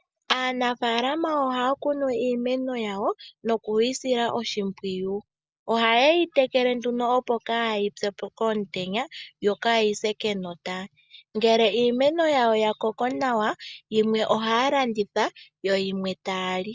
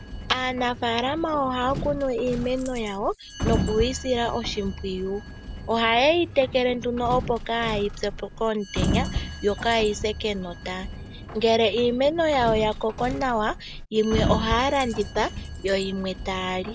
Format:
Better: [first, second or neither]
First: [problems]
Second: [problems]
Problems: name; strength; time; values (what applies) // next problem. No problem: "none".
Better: first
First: none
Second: background sound (Sliding door + Coin (dropping)); 7 dB below the speech